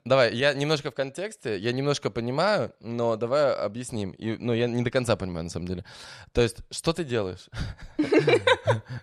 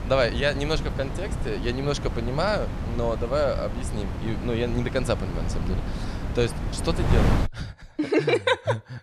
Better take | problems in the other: first | wind noise on the microphone; heavy; until 7.5 s; 9 dB below the speech

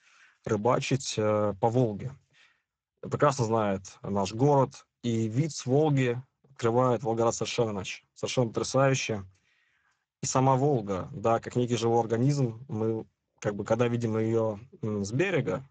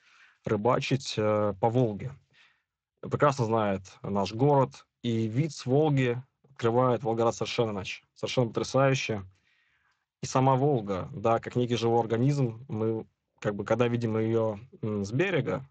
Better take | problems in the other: second | garbled, watery; badly; nothing above 7.5 kHz; slightly in the second

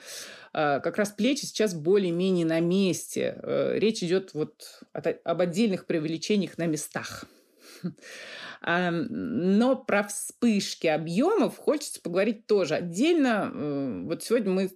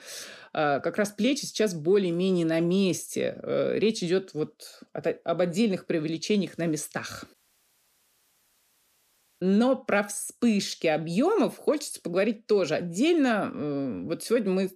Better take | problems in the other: first | audio cutting out; at 7.5 s for 2 s

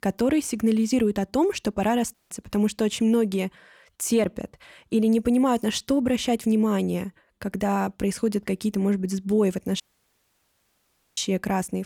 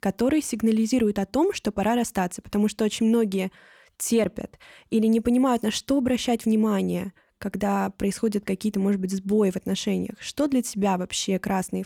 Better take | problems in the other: second | audio cutting out; at 2 s and at 10 s for 1.5 s

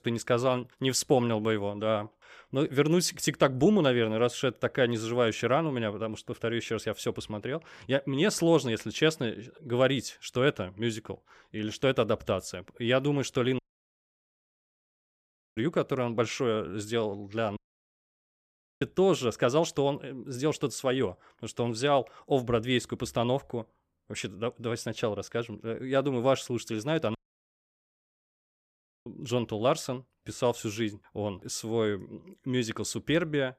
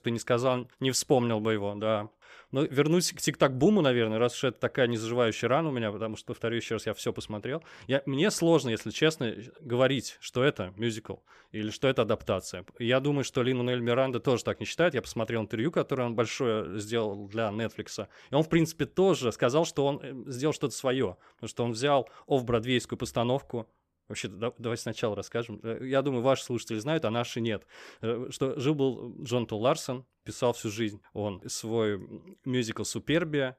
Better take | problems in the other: second | audio cutting out; at 14 s for 2 s, at 18 s for 1 s and at 27 s for 2 s

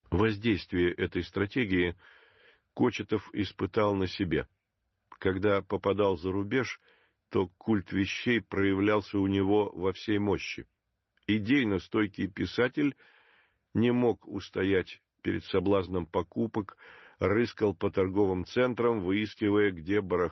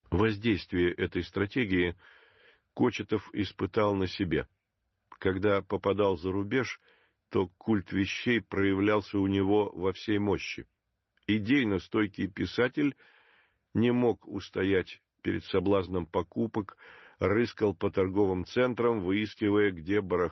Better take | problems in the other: neither | garbled, watery; slightly; nothing above 6 kHz; the same in both

